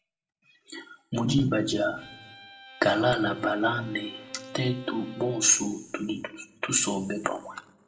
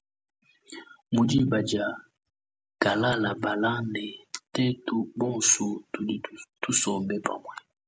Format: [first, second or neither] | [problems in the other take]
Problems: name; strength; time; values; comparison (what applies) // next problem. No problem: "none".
second | background sound (Bowed string instrument); 18 dB below the speech // room echo; dies away in 0.6 s